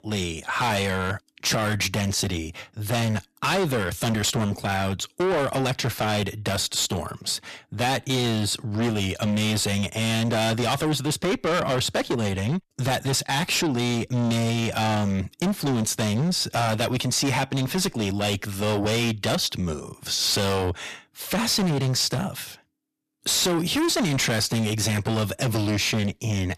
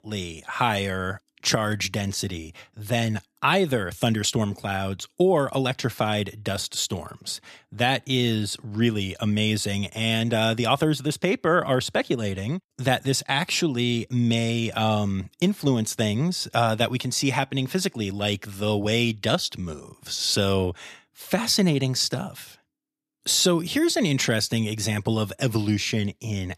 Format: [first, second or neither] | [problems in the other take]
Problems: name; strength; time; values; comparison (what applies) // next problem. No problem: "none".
second | distortion; heavy; 5 dB below the speech